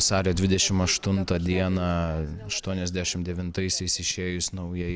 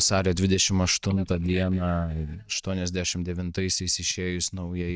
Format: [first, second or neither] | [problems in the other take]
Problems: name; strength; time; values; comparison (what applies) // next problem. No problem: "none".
first | noise reduction (neural mask model DeepFilterNet 3)